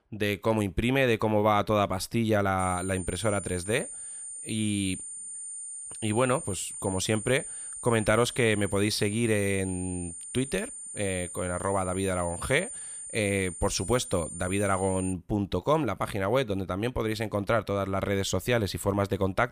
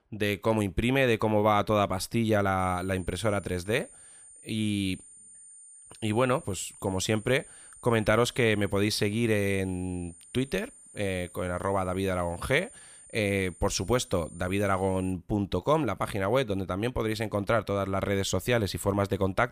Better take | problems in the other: second | high-pitched whine; loud; from 2.5 to 15 s; 9 kHz, 9 dB below the speech; faint in the second

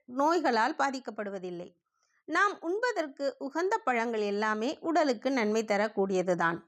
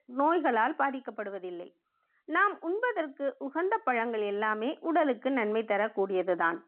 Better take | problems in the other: first | phone-call audio

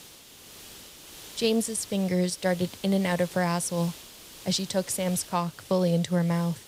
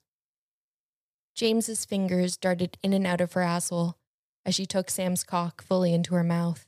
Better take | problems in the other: second | hiss; noticeable; throughout; 15 dB below the speech

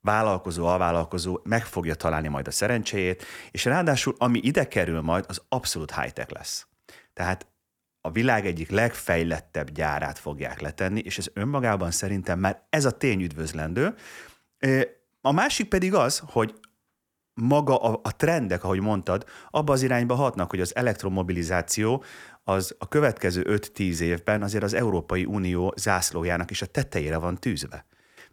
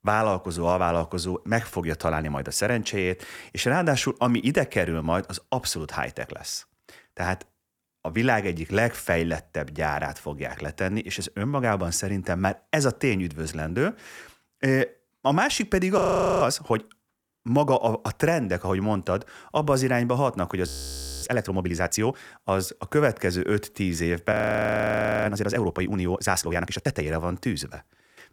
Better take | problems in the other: first | audio freezing; at 16 s, at 21 s for 0.5 s and at 24 s for 1 s

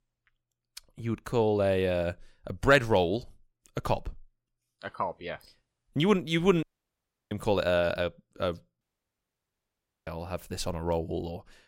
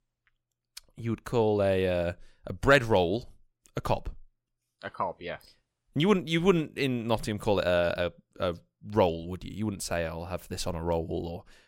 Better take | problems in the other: second | audio cutting out; at 6.5 s for 0.5 s and at 9 s for 1.5 s

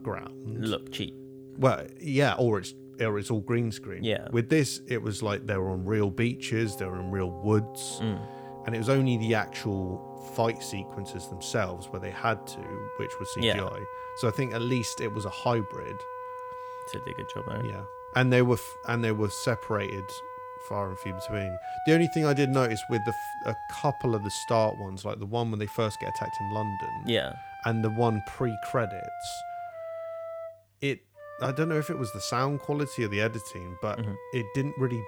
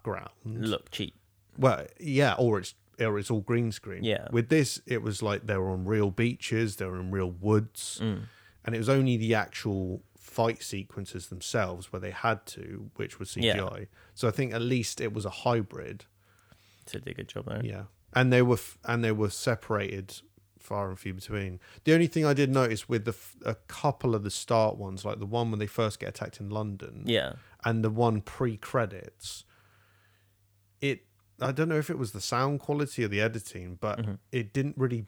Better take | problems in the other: second | background music; noticeable; throughout; 10 dB below the speech

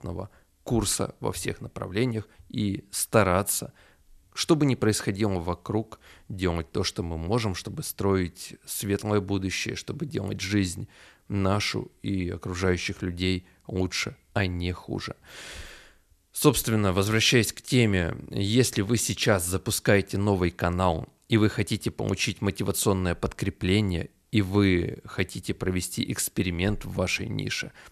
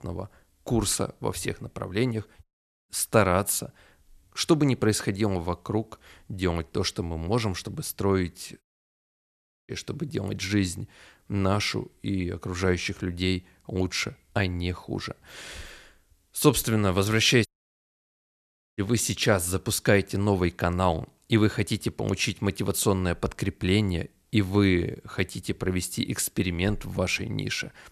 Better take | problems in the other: first | audio cutting out; at 2.5 s, at 8.5 s for 1 s and at 17 s for 1.5 s

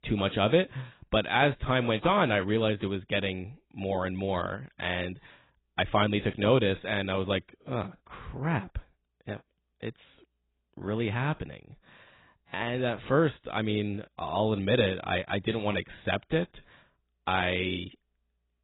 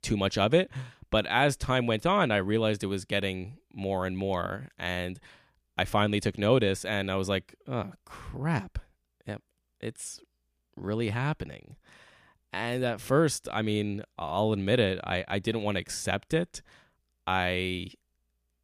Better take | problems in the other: second | garbled, watery; badly; nothing above 4 kHz

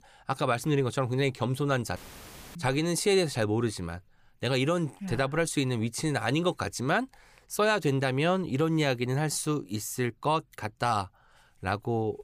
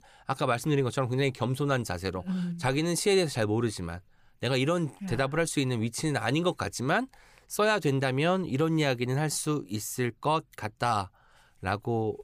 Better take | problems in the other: second | audio cutting out; filled with static; at 2 s for 0.5 s

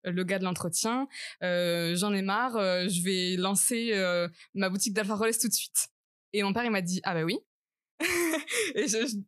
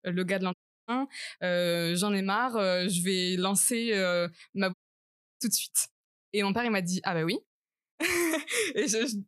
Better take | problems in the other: first | audio cutting out; at 0.5 s and at 4.5 s for 0.5 s

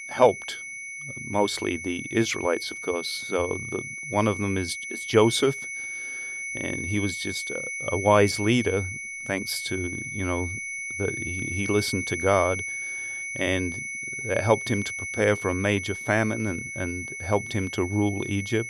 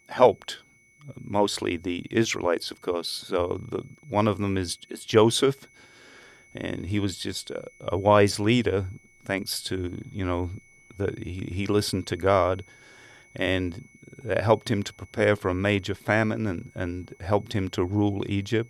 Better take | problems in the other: second | high-pitched whine; loud; throughout; 2 kHz, 6 dB below the speech; faint in the second

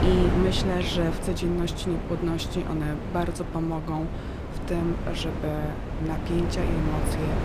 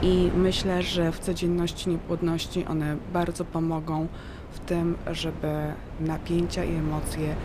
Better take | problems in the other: second | wind noise on the microphone; heavy; 4 dB below the speech; occasional gusts in the second

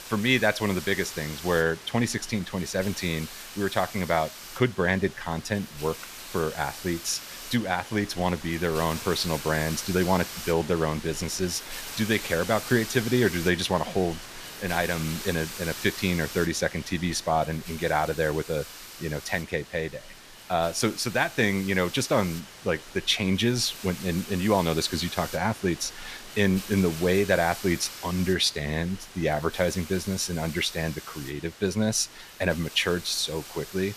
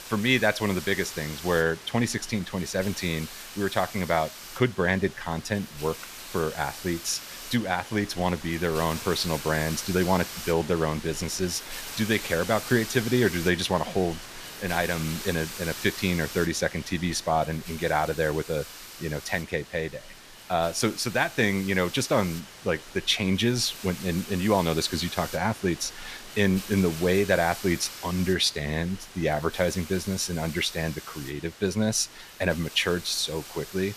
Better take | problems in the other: neither | hiss; noticeable; throughout; 10 dB below the speech; the same in both

